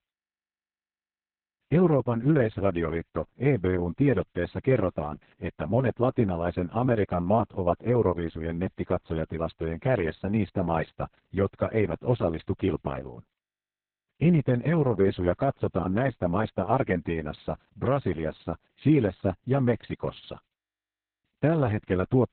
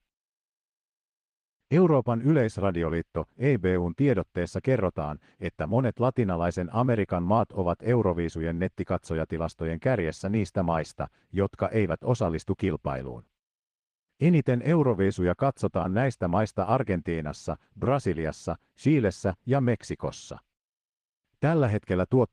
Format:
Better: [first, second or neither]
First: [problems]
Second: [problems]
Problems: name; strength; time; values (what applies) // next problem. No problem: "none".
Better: second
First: garbled, watery; badly; nothing above 4 kHz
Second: garbled, watery; slightly